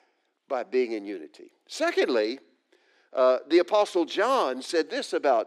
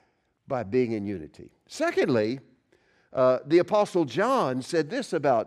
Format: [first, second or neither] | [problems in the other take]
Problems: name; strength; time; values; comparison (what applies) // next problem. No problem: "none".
second | thin; somewhat; fading below 300 Hz